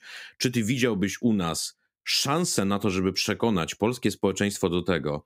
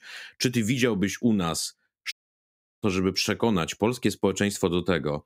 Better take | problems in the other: first | audio cutting out; at 2 s for 0.5 s

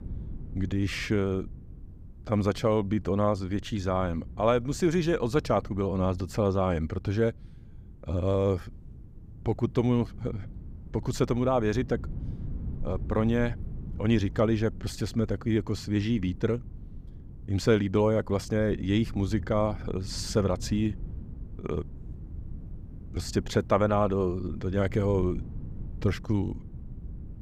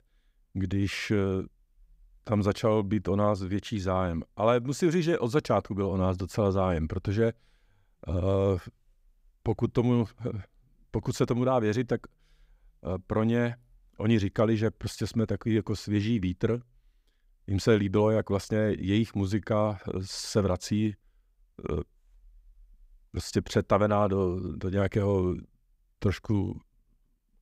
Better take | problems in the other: second | wind noise on the microphone; occasional gusts; 25 dB below the speech

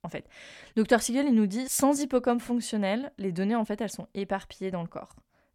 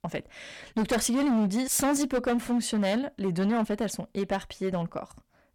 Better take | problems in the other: first | distortion; heavy; 14% of the sound clipped

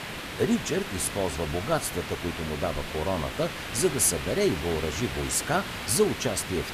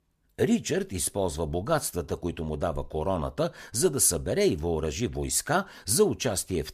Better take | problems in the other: second | hiss; loud; throughout; 7 dB below the speech

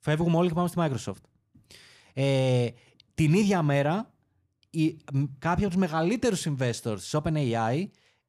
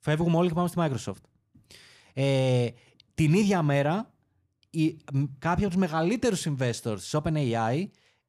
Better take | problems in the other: neither | none

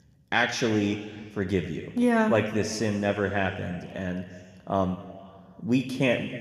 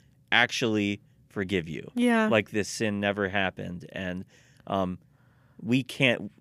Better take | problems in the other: second | room echo; slight; dies away in 1.7 s

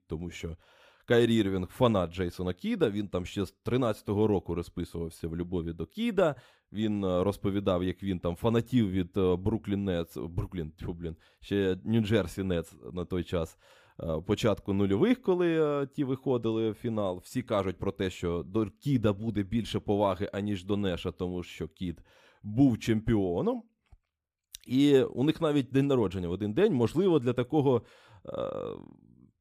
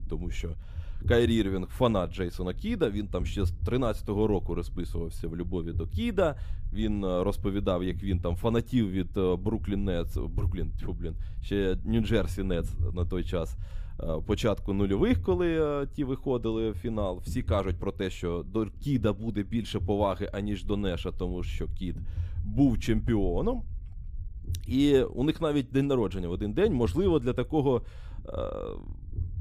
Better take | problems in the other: first | low rumble; faint; throughout; 25 dB below the speech

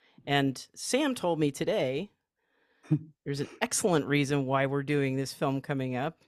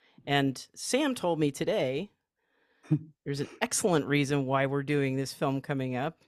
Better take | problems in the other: neither | none

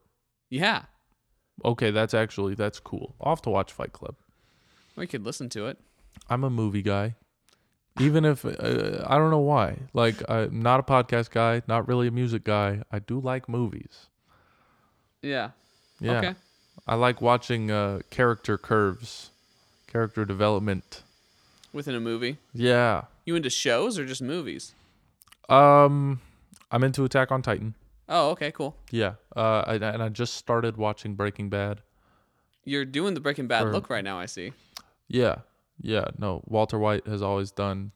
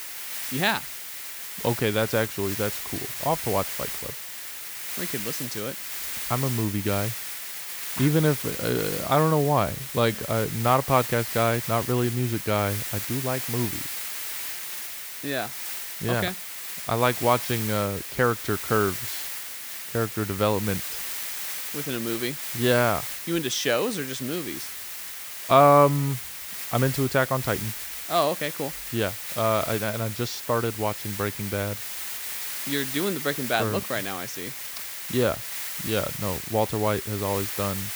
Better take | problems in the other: first | hiss; loud; throughout; 5 dB below the speech

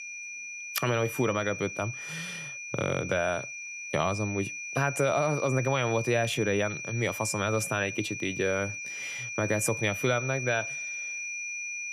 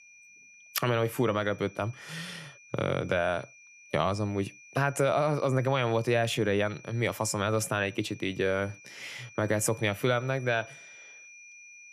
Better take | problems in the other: second | high-pitched whine; loud; throughout; 2.5 kHz, 6 dB below the speech; faint in the second

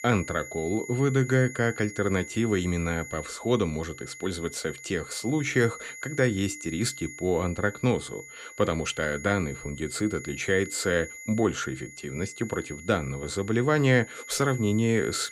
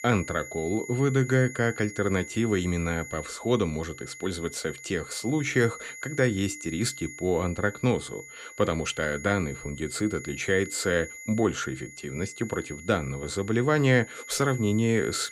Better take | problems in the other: neither | high-pitched whine; noticeable; throughout; 2 kHz, 15 dB below the speech; the same in both

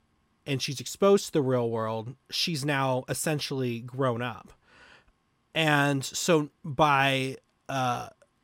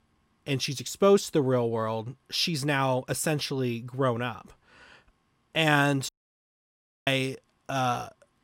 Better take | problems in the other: first | audio cutting out; at 6 s for 1 s

